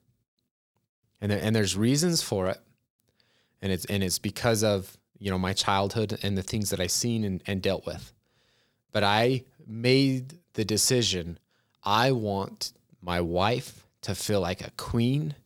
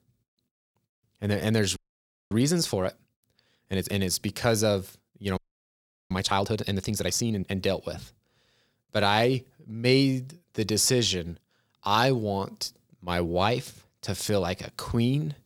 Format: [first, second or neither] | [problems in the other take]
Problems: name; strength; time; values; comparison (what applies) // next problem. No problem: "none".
first | audio freezing; at 2 s for 0.5 s and at 5.5 s for 0.5 s